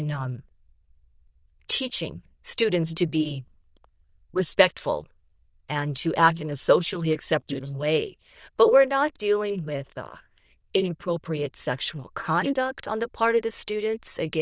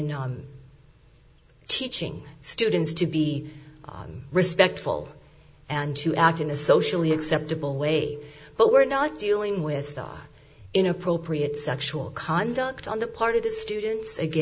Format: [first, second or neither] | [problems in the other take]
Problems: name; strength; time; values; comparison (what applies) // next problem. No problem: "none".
second | noise reduction (neural diffusion model UNIVERSE++)